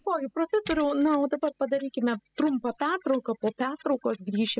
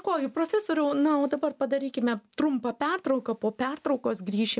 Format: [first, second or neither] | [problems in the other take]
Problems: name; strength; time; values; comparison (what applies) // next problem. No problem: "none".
second | noise reduction (classical method spectral subtraction)